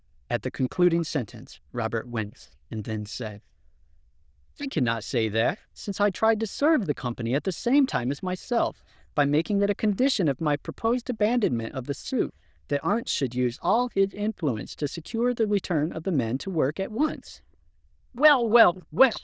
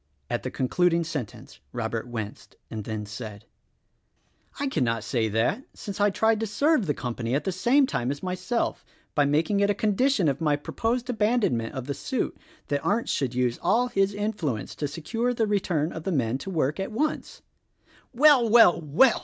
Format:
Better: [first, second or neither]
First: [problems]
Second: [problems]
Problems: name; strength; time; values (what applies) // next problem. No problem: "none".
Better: second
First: noise reduction (neural diffusion model UNIVERSE++)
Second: none